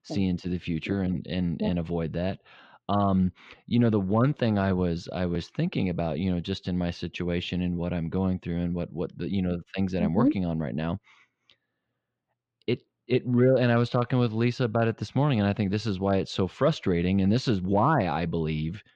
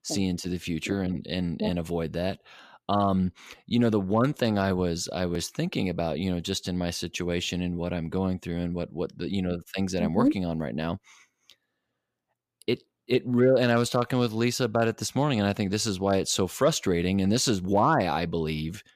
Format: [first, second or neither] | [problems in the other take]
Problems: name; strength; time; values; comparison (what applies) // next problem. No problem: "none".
second | muffled; slightly; fading above 3.5 kHz